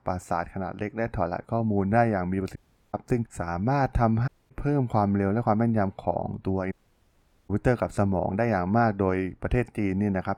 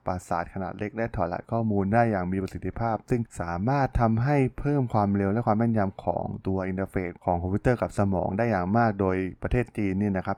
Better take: second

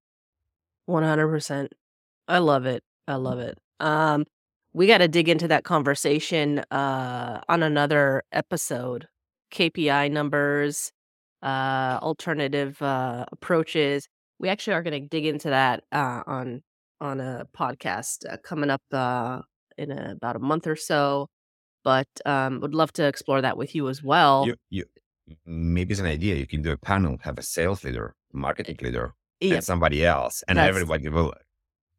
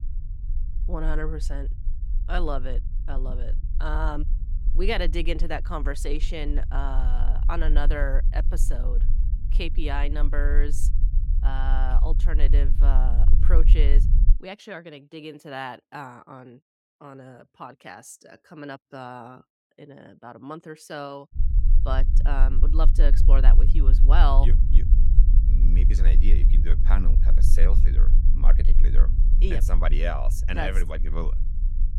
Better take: first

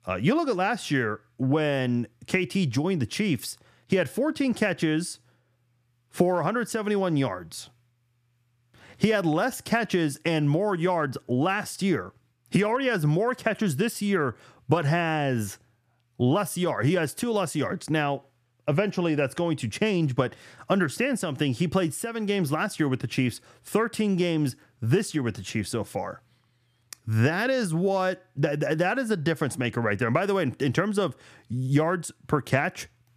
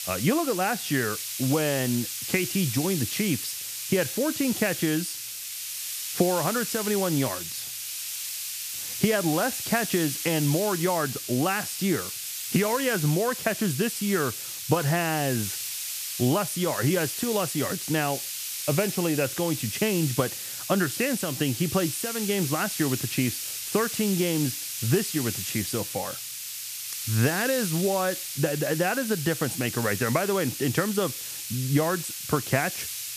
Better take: first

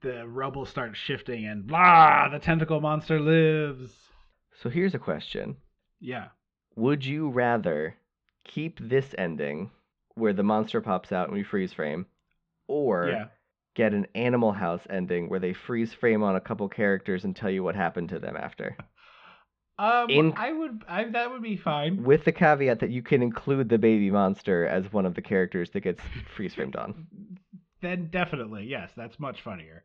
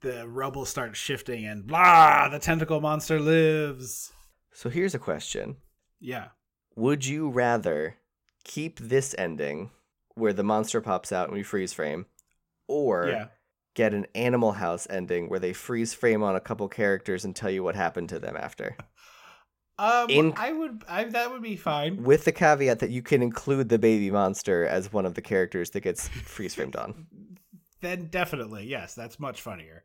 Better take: second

